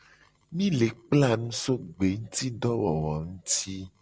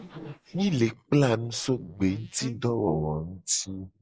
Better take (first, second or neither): first